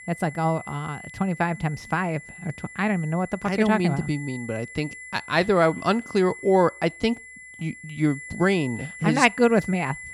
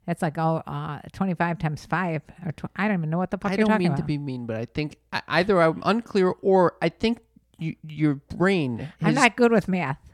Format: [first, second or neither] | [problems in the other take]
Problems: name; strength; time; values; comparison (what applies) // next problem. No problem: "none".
second | high-pitched whine; noticeable; throughout; 2 kHz, 15 dB below the speech